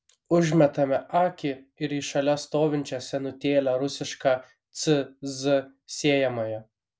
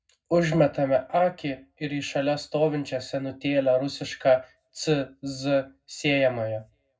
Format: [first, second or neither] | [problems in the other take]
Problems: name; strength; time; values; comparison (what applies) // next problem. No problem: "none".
first | room echo; dies away in 0.3 s